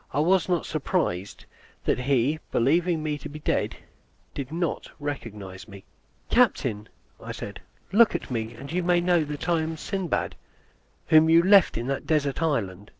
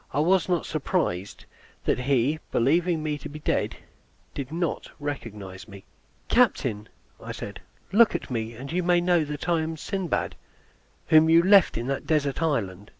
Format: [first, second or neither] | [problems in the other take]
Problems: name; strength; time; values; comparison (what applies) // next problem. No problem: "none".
second | noise reduction (neural separator model SepFormer DNS4)